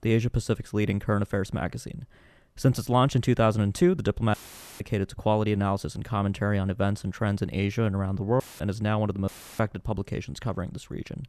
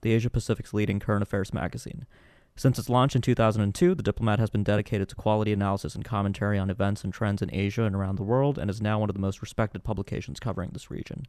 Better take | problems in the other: second | audio cutting out; filled with static; at 4.5 s, at 8.5 s and at 9.5 s

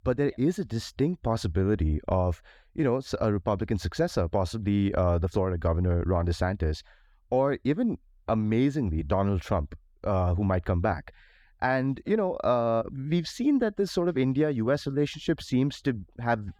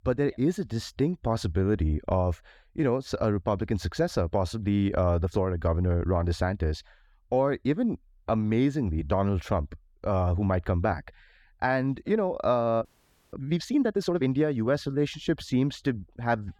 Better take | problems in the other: first | audio freezing; at 13 s

